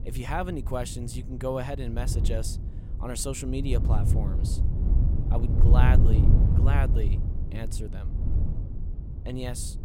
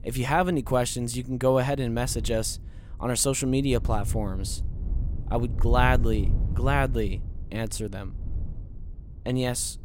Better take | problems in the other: second | wind noise on the microphone; heavy; 6 dB below the speech; occasional gusts in the second

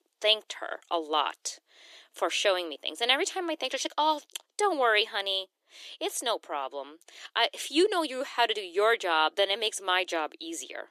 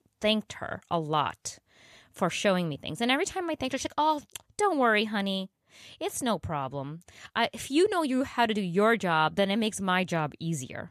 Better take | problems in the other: second | thin; very; fading below 300 Hz

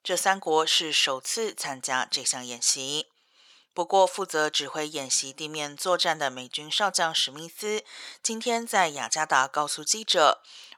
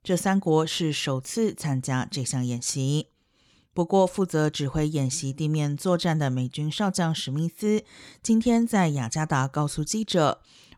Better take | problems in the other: second | thin; very; fading below 700 Hz

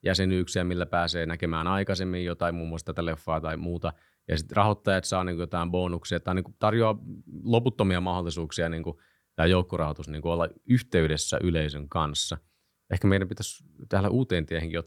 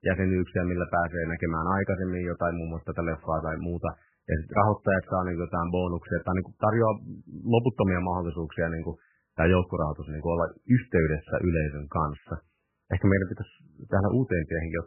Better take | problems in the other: first | garbled, watery; badly; nothing above 3 kHz

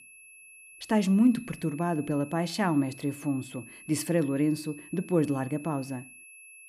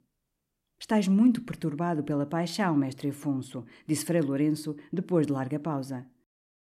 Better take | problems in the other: second | high-pitched whine; noticeable; throughout; 2.5 kHz, 20 dB below the speech

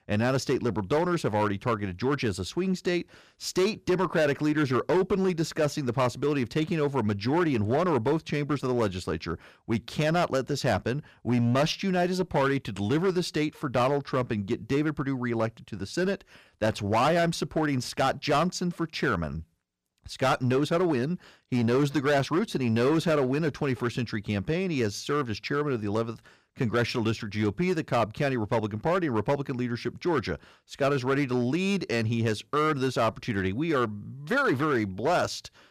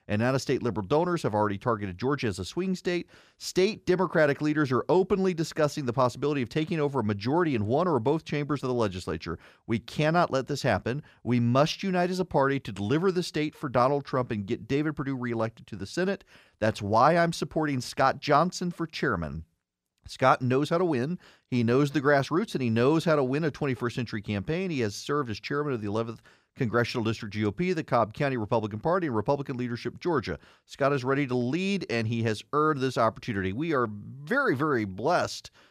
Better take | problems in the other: second | distortion; slight; 7% of the sound clipped

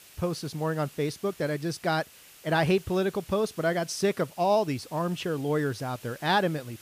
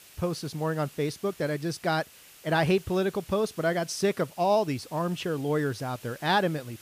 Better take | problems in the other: neither | hiss; faint; throughout; 20 dB below the speech; the same in both

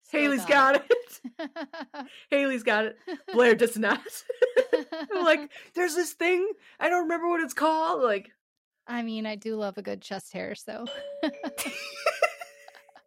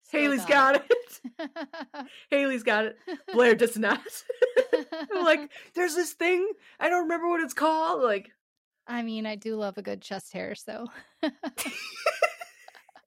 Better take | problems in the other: second | doorbell; faint; from 11 to 13 s; peak 10 dB below the speech

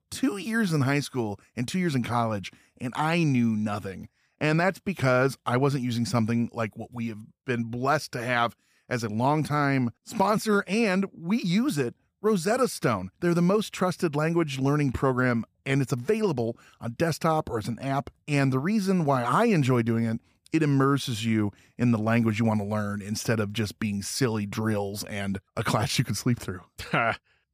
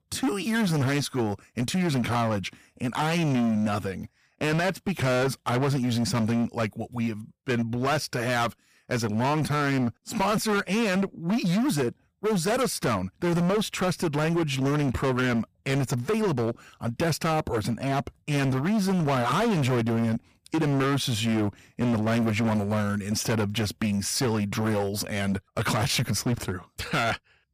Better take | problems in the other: first | distortion; heavy; 21% of the sound clipped

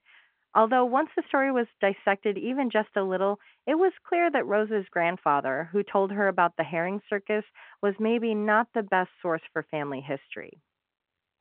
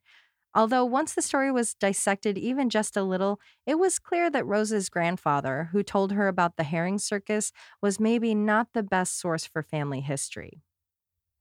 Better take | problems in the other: second | phone-call audio

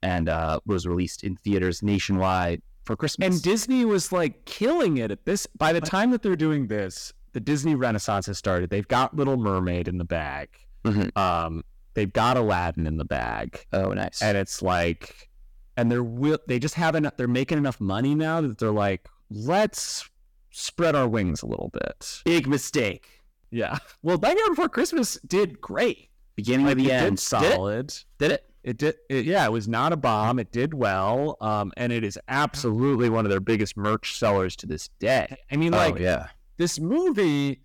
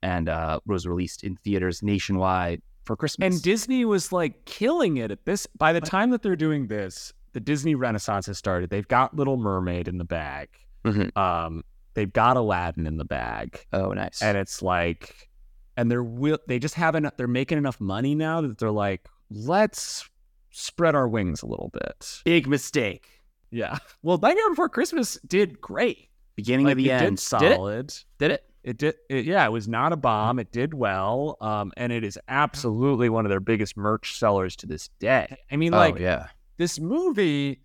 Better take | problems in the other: second | distortion; slight; 6% of the sound clipped

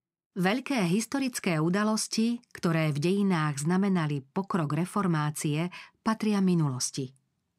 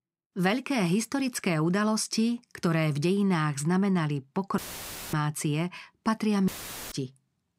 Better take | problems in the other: first | audio cutting out; filled with static; at 4.5 s for 0.5 s and at 6.5 s

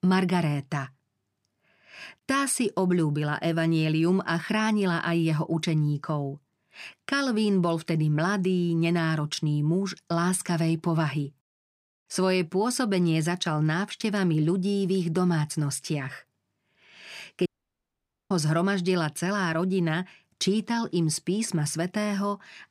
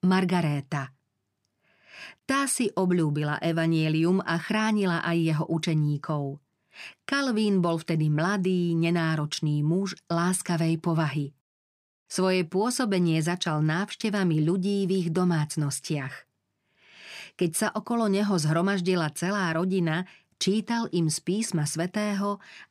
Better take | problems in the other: second | audio cutting out; at 17 s for 1 s

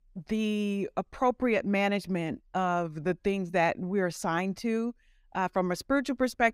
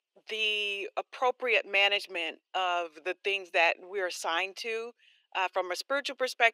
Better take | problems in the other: first | thin; very; fading below 400 Hz

